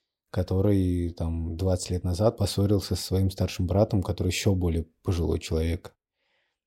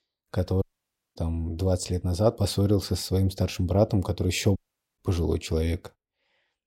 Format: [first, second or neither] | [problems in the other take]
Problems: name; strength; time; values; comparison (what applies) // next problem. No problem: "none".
first | audio cutting out; at 0.5 s for 0.5 s and at 4.5 s